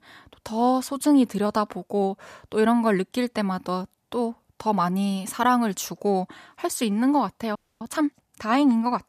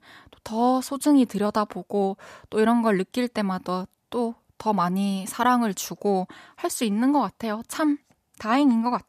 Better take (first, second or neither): second